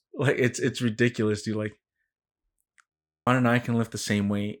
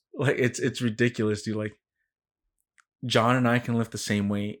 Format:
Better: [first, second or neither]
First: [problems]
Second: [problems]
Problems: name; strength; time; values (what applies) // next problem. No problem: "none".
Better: second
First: audio freezing; at 3 s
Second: none